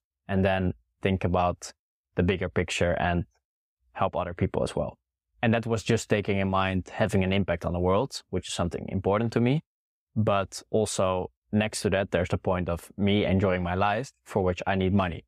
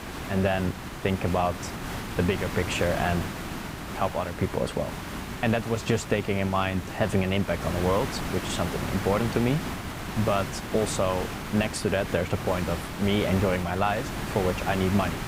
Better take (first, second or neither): first